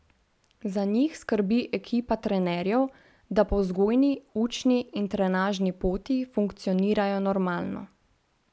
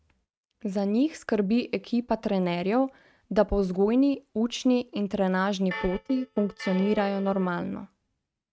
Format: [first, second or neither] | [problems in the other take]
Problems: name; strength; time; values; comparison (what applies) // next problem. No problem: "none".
first | noise reduction (neural mask model RNNoise)